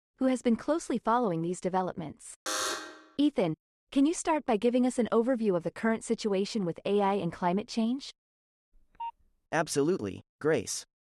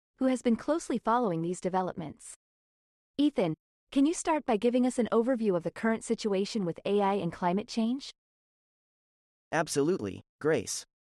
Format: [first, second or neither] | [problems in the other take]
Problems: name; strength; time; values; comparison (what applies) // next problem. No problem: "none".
second | alarm; noticeable; at 2.5 s; peak 1 dB below the speech // phone ringing; faint; at 9 s; peak 10 dB below the speech